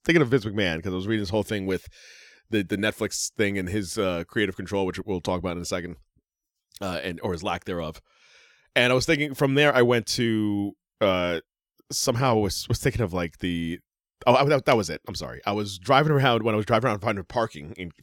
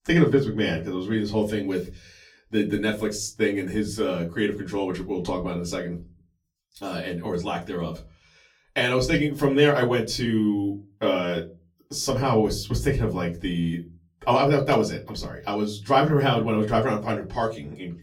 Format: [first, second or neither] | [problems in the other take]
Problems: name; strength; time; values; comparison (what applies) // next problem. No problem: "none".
first | off-mic speech; far // room echo; very slight; dies away in 0.3 s